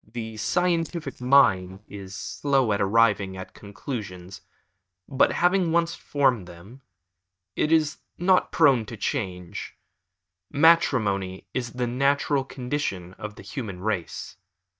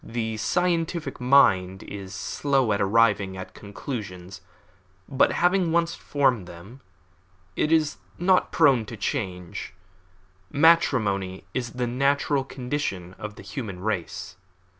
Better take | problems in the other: second | noise reduction (neural mask model DeepFilterNet 3)

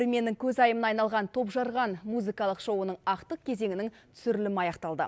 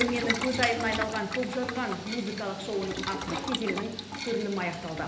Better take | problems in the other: first | background sound (Boiling); 4 dB below the speech // room echo; dies away in 1 s

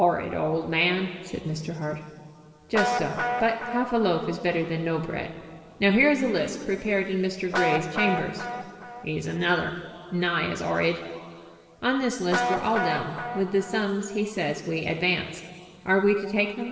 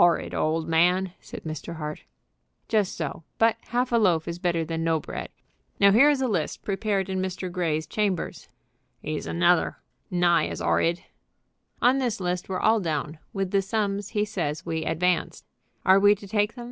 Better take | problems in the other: second | background sound (Guitar); 8 dB below the speech // room echo; dies away in 2.1 s

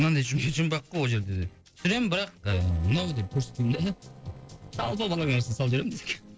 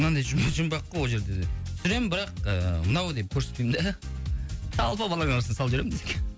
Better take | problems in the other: second | noise reduction (neural separator model SepFormer DNS4)

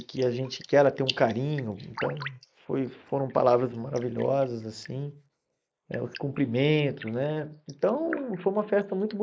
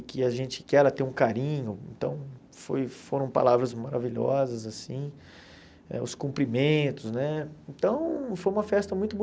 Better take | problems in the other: second | noise reduction (neural mask model Resemble Enhance denoiser)

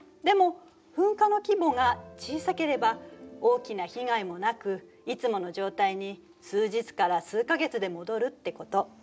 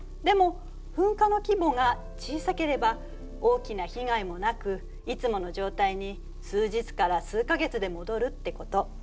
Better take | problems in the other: first | background sound (Engine); 11 dB below the speech

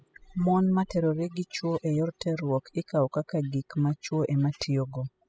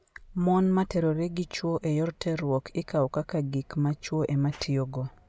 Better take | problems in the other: second | noise reduction (classical method spectral subtraction)

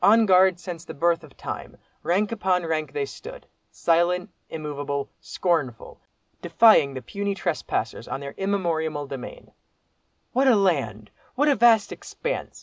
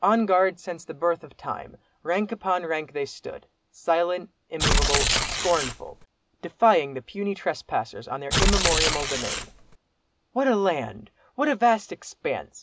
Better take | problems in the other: first | background sound (Tearing); 3 dB above the speech

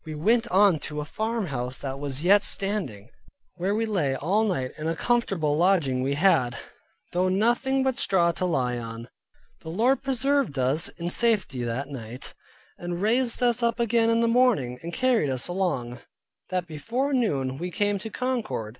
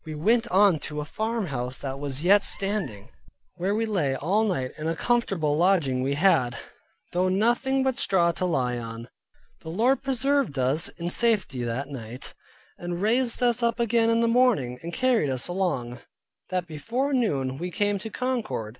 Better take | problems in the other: first | background sound (Meow); 18 dB below the speech

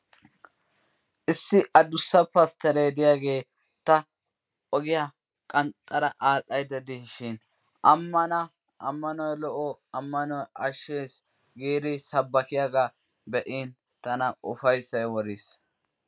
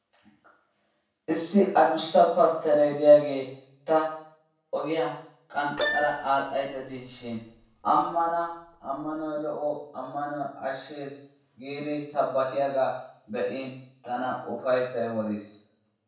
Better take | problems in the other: first | background sound (Keyboard (musical)); 10 dB below the speech // room echo; dies away in 0.6 s

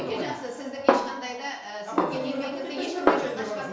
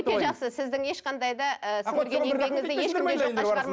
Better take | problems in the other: second | background sound (Snare drum); 2 dB above the speech // room echo; dies away in 0.5 s

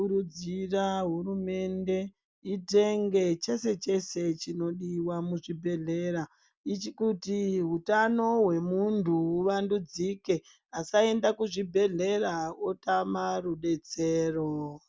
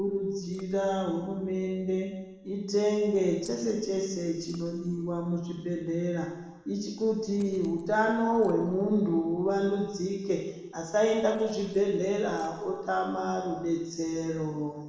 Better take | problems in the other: first | noise reduction (neural separator model SepFormer DNS4)

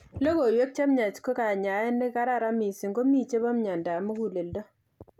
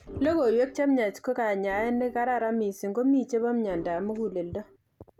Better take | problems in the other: first | background sound (Organ); 19 dB below the speech

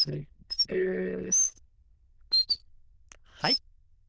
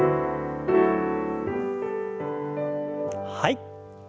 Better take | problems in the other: second | noise reduction (neural diffusion model UNIVERSE++)

